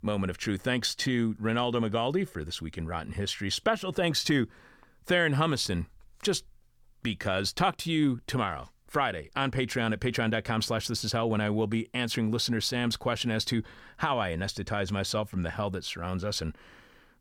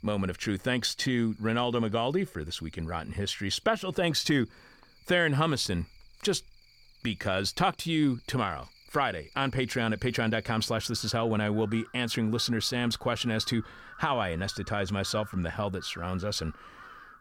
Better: first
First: none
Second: animal sounds; faint; throughout; 25 dB below the speech

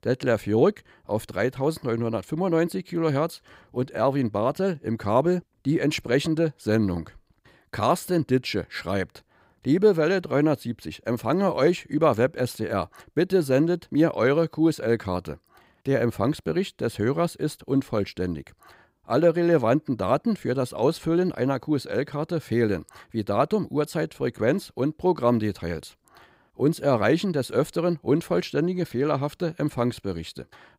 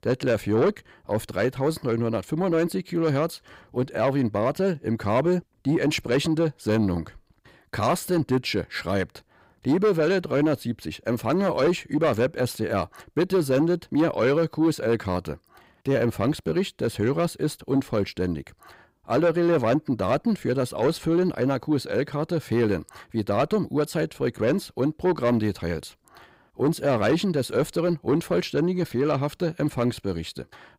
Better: first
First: none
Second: distortion; slight; 10 dB below the speech

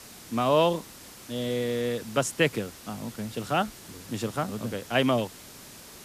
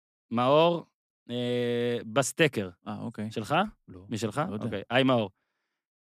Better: second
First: hiss; noticeable; throughout; 15 dB below the speech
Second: none

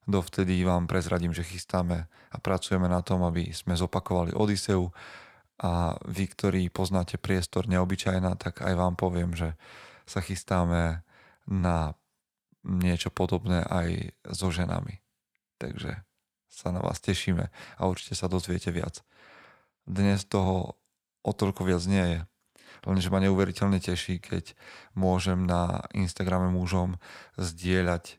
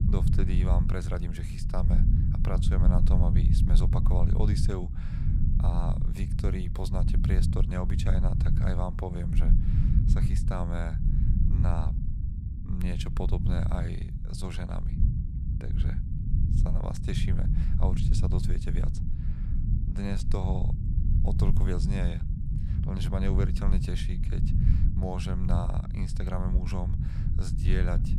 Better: first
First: none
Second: low rumble; loud; throughout; 3 dB below the speech

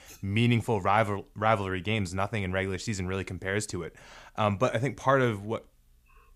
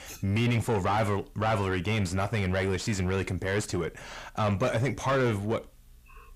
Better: first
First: none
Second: distortion; heavy; 6 dB below the speech

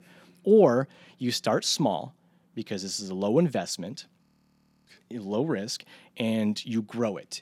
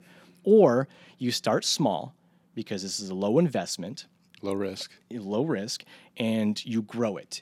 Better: second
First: audio freezing; at 4 s for 0.5 s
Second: none

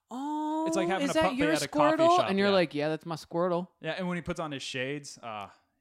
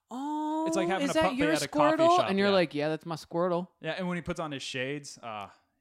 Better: neither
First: none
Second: none

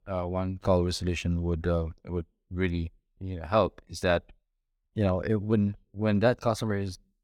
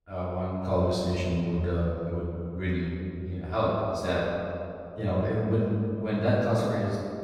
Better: first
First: none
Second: off-mic speech; far // room echo; strong; dies away in 2.4 s

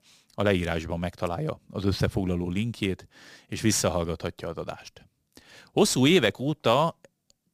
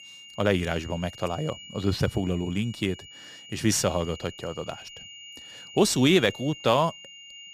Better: first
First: none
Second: high-pitched whine; noticeable; throughout; 3 kHz, 15 dB below the speech

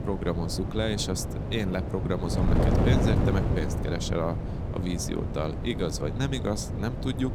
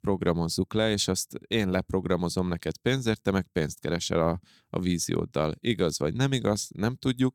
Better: second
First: wind noise on the microphone; heavy; 3 dB below the speech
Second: none

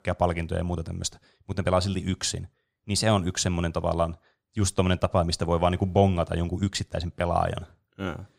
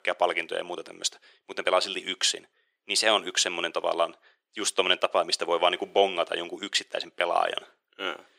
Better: first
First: none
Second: thin; very; fading below 350 Hz

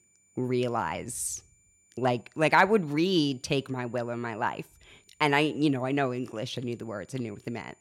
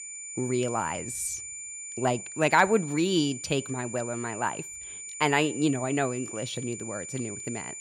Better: first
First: high-pitched whine; faint; throughout; 7 kHz, 35 dB below the speech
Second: high-pitched whine; loud; throughout; 7 kHz, 9 dB below the speech

